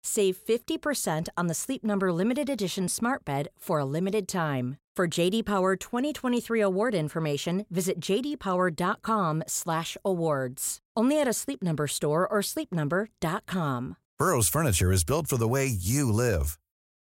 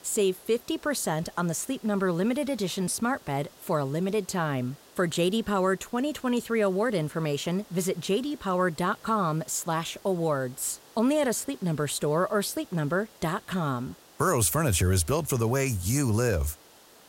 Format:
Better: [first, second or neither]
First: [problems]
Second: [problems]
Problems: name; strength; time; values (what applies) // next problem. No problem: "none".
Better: first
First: none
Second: hiss; faint; throughout; 25 dB below the speech